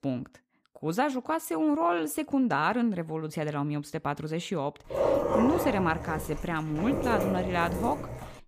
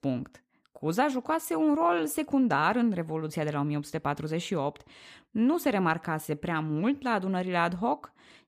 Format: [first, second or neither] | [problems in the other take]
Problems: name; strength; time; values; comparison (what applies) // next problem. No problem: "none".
second | dog barking; loud; from 5 s on; peak 4 dB above the speech